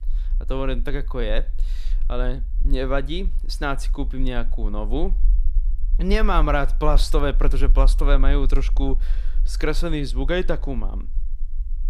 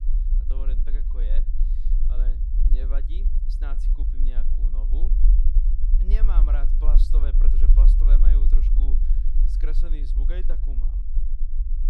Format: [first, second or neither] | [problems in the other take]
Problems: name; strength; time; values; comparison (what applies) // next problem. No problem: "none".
first | low rumble; loud; throughout; 3 dB below the speech; faint in the first